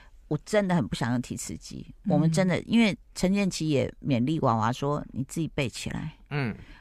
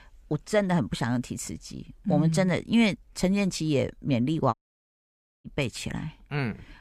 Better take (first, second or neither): first